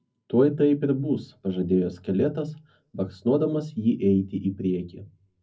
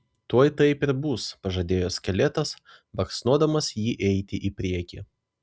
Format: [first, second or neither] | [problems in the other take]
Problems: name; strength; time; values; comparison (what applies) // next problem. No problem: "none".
second | room echo; dies away in 0.4 s